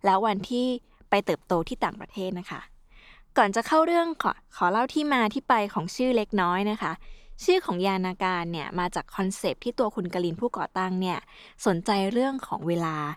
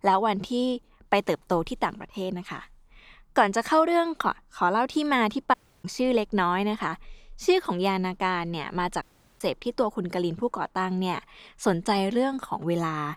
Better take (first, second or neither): first